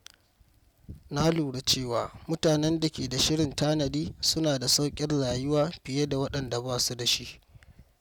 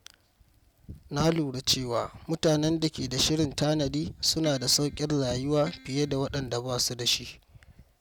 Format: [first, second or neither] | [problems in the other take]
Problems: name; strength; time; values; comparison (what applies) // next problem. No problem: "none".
first | background sound (Keyboard (musical)); 20 dB below the speech